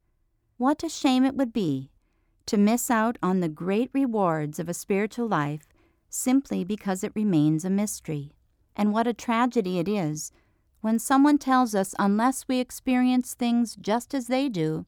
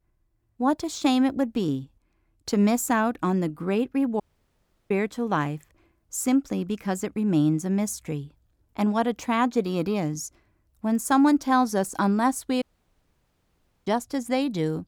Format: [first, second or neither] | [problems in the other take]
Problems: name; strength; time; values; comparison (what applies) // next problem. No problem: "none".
first | audio cutting out; at 4 s for 0.5 s and at 13 s for 1 s